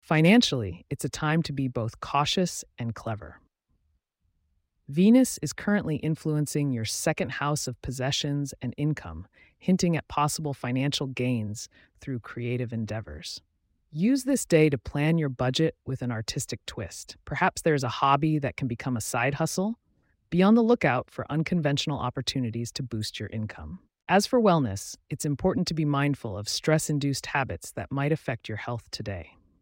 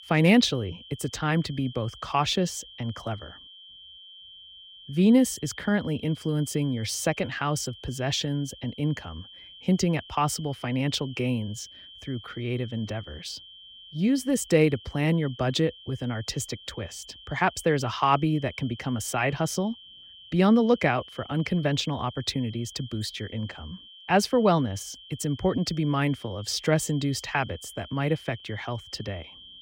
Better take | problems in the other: first | high-pitched whine; noticeable; throughout; 3 kHz, 20 dB below the speech

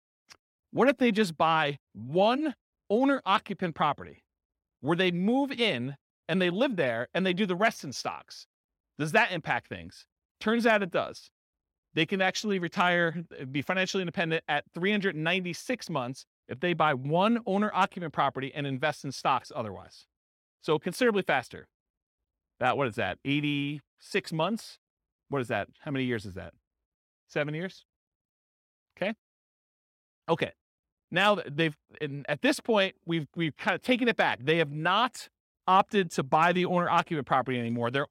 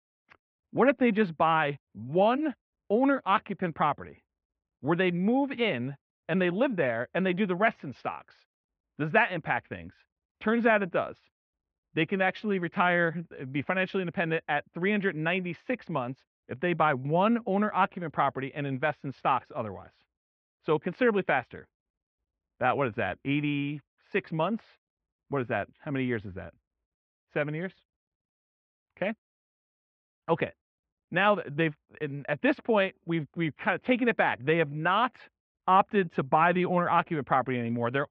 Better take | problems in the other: first | muffled; very; fading above 2.5 kHz

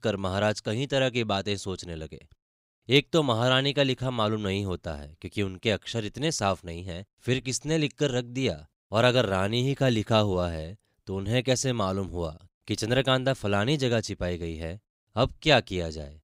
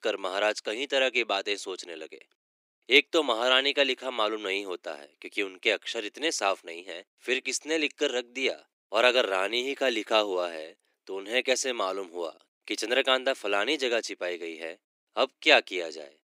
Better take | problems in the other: first | thin; somewhat; fading below 300 Hz

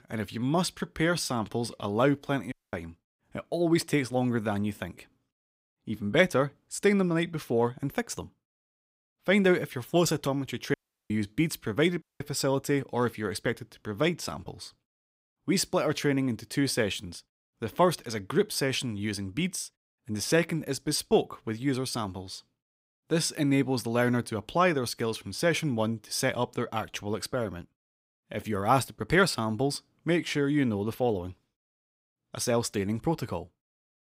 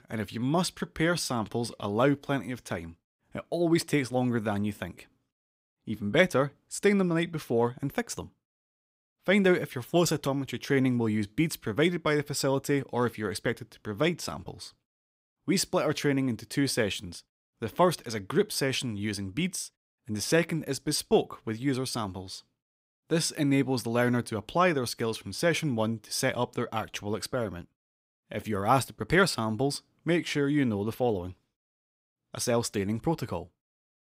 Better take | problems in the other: second | audio cutting out; at 2.5 s, at 11 s and at 12 s

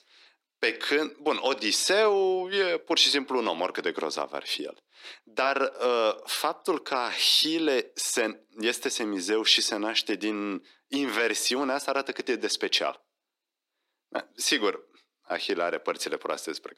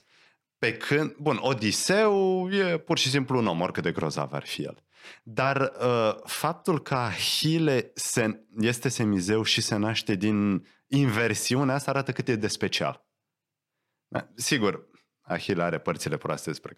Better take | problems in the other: second | thin; somewhat; fading below 300 Hz

